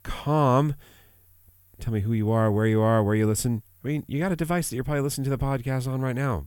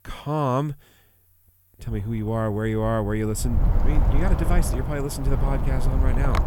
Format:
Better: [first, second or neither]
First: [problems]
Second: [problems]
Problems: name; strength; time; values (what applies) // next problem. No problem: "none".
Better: first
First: none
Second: wind noise on the microphone; heavy; from 2 s on; 6 dB below the speech